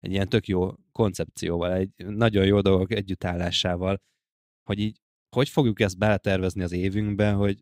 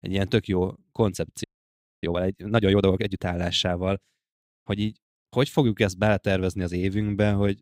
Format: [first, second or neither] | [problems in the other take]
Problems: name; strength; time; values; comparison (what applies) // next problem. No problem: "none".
first | audio freezing; at 1.5 s for 0.5 s